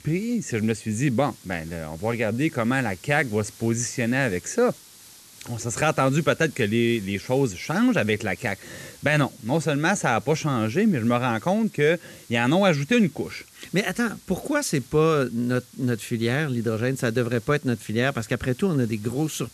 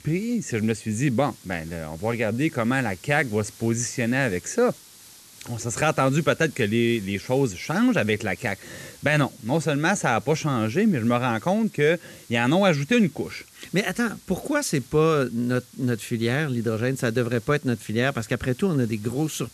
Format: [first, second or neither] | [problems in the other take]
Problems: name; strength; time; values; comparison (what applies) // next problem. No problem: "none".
neither | hiss; faint; throughout; 20 dB below the speech; the same in both